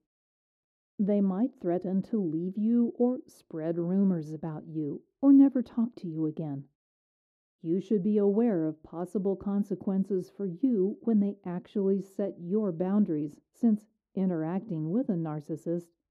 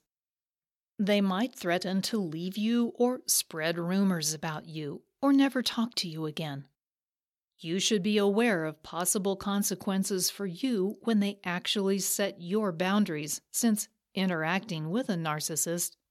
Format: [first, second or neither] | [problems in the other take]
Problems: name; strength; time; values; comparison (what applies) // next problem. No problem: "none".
second | muffled; very; fading above 1.5 kHz